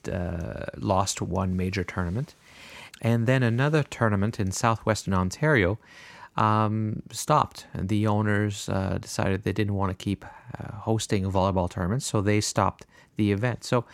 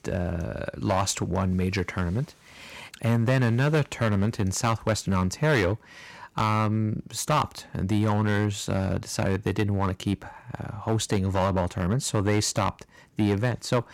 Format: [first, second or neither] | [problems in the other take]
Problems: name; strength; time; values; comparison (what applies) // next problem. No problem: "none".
first | distortion; slight; 4% of the sound clipped